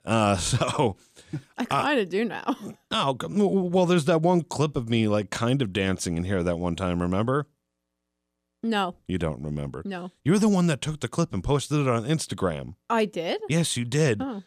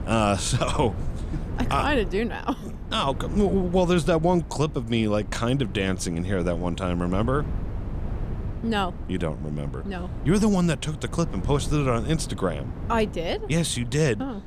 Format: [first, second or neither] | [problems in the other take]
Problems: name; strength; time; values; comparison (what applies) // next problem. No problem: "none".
first | wind noise on the microphone; occasional gusts; 15 dB below the speech